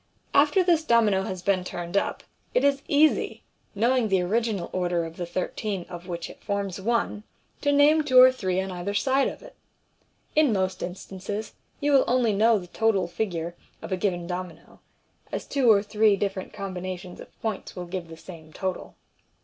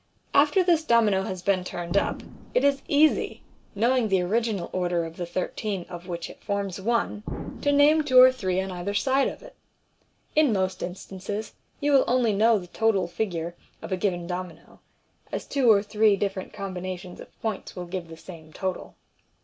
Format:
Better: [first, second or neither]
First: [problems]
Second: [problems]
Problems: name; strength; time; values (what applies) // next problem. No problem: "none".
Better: first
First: none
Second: background sound (Explosion); 13 dB below the speech